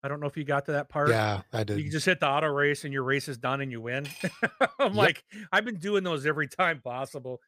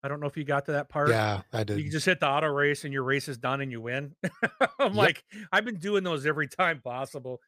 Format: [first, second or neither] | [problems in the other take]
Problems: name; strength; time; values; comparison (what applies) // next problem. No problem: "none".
second | clattering dishes; faint; at 4 s; peak 15 dB below the speech